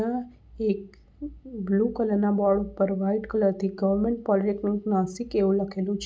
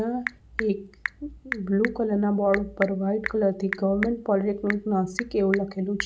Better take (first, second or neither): first